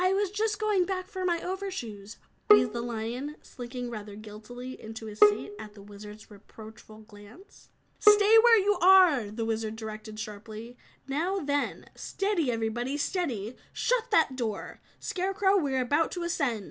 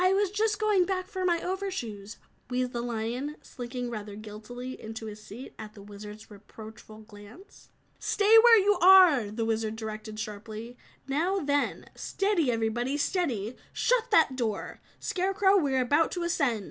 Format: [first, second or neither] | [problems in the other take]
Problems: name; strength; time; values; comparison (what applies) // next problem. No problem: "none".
second | background sound (Bowed string instrument); as loud as the speech